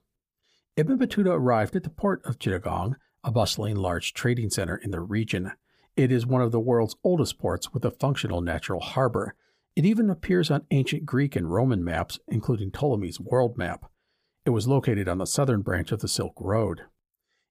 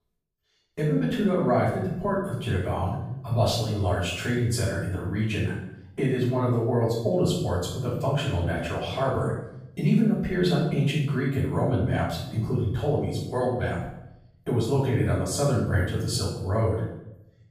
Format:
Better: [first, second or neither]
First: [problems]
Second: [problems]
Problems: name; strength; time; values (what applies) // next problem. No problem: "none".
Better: first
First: none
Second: off-mic speech; far // room echo; noticeable; dies away in 0.7 s